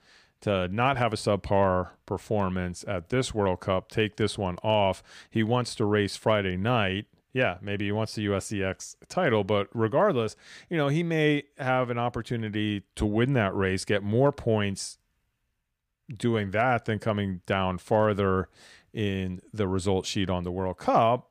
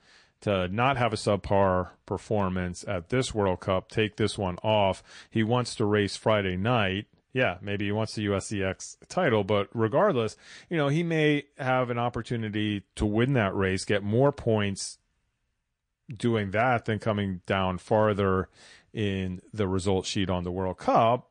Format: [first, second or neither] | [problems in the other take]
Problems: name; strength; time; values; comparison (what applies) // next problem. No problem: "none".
first | garbled, watery; slightly; nothing above 9 kHz